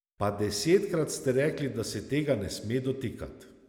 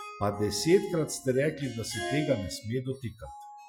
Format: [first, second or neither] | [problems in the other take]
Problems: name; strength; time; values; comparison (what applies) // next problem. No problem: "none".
first | noise reduction (classical method Wiener filter)